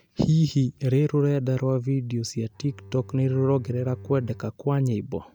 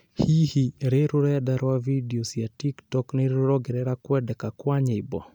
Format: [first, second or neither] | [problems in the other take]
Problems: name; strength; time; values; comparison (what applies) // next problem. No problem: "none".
second | background sound (Bowed string instrument); 19 dB below the speech